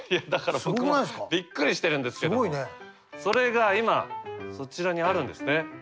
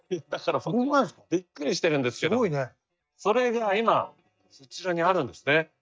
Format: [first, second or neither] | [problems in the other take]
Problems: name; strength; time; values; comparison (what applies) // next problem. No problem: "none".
first | noise reduction (neural mask model DeepFilterNet 3)